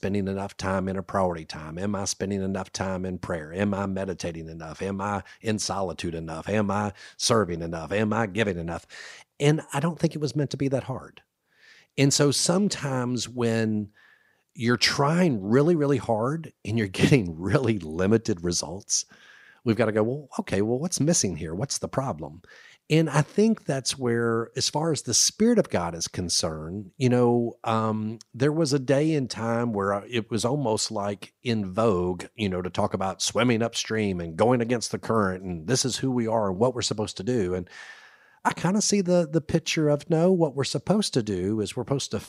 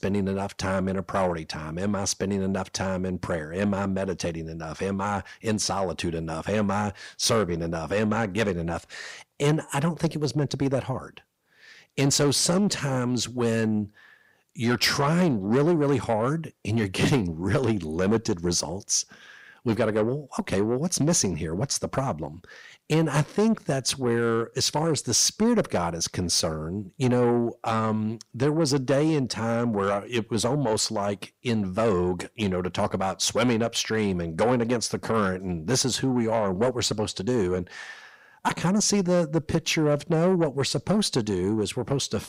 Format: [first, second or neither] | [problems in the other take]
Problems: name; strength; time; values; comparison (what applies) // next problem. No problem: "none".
first | distortion; slight; 10 dB below the speech